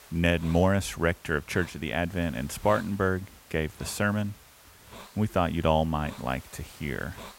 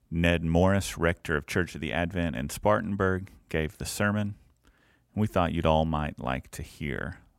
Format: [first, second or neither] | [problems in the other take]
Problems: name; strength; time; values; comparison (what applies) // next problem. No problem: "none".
second | hiss; faint; throughout; 20 dB below the speech